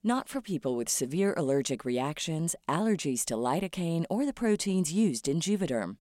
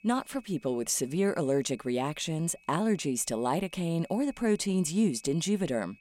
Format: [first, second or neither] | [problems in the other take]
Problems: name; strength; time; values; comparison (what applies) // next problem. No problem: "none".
first | high-pitched whine; faint; throughout; 2.5 kHz, 30 dB below the speech